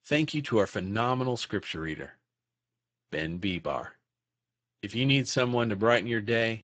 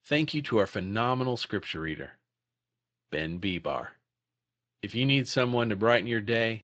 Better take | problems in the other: second | garbled, watery; badly; nothing above 7.5 kHz; slightly in the second

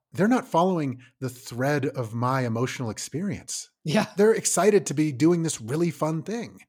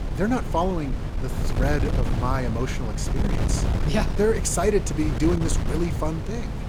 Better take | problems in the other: first | wind noise on the microphone; heavy; 7 dB below the speech

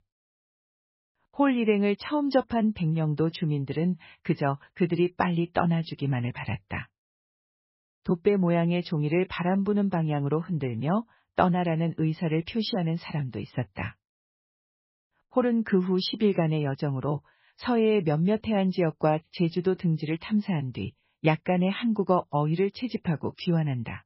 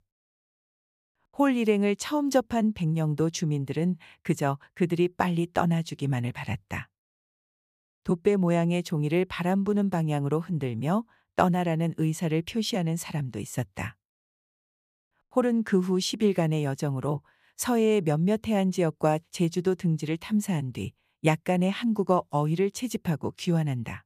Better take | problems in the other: second | garbled, watery; badly; nothing above 5.5 kHz

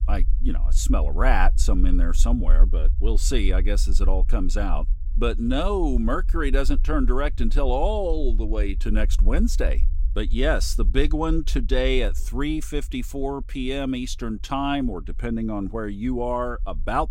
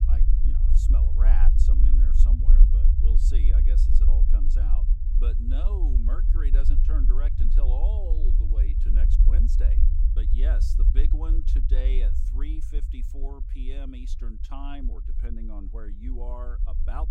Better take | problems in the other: first | low rumble; loud; throughout; 2 dB below the speech; faint in the first

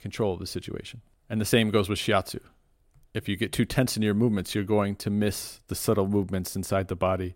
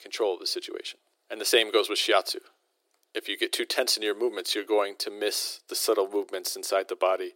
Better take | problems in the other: first | thin; very; fading below 350 Hz

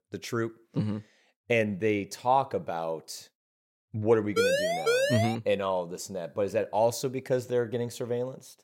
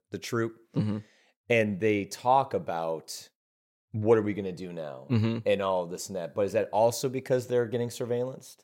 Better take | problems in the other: second | siren; loud; at 4.5 s; peak 4 dB above the speech

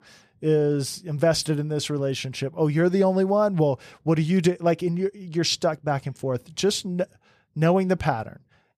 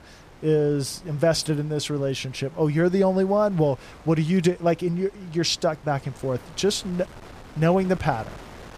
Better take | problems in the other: first | wind noise on the microphone; occasional gusts; 20 dB below the speech

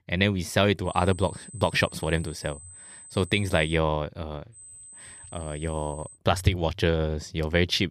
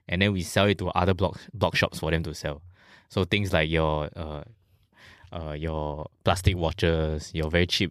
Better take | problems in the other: second | high-pitched whine; noticeable; from 1 to 4 s and from 4.5 to 6 s; 8 kHz, 20 dB below the speech

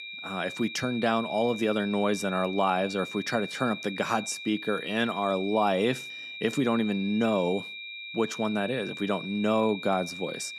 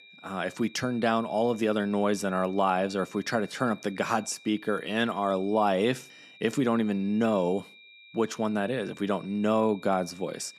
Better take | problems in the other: second | high-pitched whine; loud; throughout; 2.5 kHz, 9 dB below the speech; faint in the second

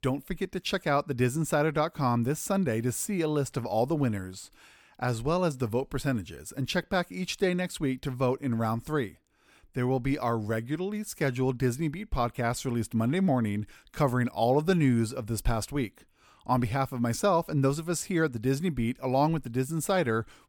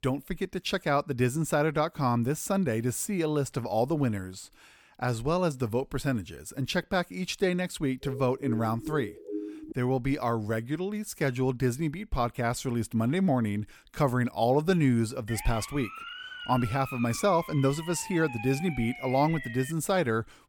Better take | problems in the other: first | siren; noticeable; from 8 to 9.5 s and from 15 to 20 s; peak 9 dB below the speech

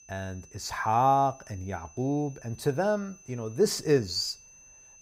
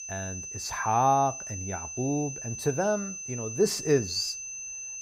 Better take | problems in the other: first | high-pitched whine; loud; throughout; 6 kHz, 7 dB below the speech; faint in the first

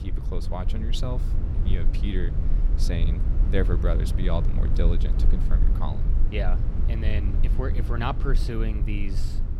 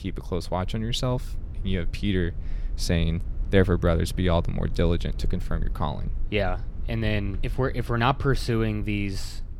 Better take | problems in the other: second | low rumble; loud; throughout; 7 dB below the speech; faint in the second

